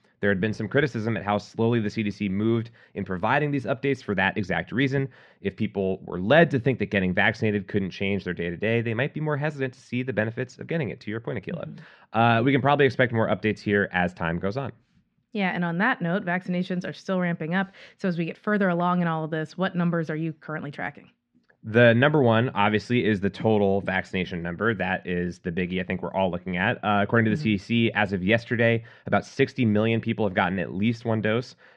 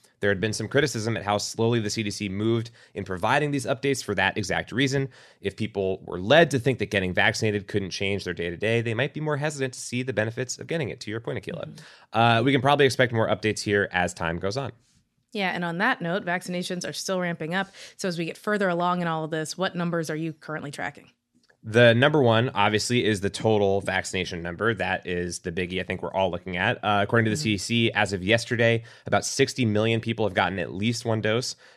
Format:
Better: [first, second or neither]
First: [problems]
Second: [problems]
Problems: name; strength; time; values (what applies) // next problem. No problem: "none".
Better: second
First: muffled; slightly; fading above 2.5 kHz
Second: none